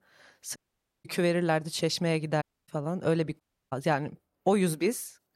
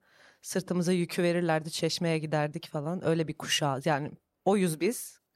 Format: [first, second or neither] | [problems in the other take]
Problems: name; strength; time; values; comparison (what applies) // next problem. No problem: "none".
second | audio cutting out; at 0.5 s, at 2.5 s and at 3.5 s